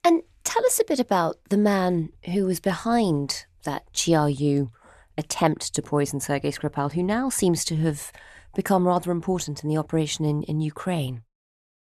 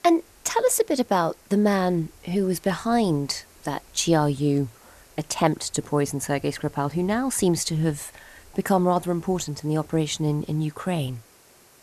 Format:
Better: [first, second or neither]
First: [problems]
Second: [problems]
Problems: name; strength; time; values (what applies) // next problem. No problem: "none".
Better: first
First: none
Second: hiss; faint; throughout; 25 dB below the speech